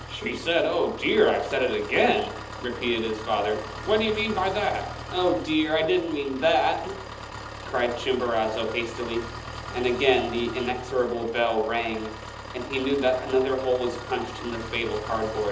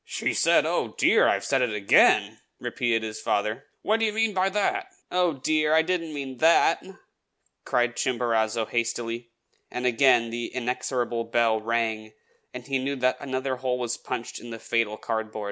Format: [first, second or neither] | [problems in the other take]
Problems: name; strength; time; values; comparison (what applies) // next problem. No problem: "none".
second | background sound (Engine); 12 dB below the speech // room echo; dies away in 1.2 s